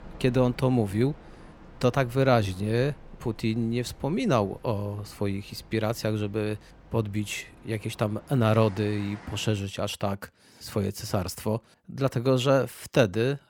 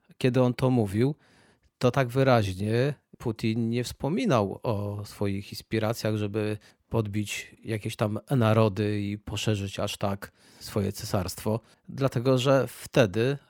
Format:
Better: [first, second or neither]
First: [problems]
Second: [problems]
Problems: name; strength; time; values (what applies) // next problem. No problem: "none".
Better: second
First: train or aircraft noise; faint; until 9.5 s; 20 dB below the speech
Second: none